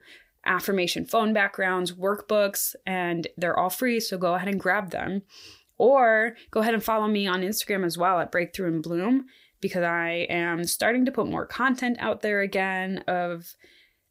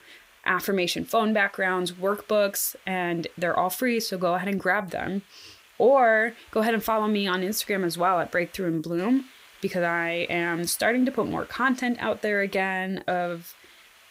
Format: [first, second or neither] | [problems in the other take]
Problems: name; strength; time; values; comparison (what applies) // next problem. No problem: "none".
first | hiss; faint; throughout; 25 dB below the speech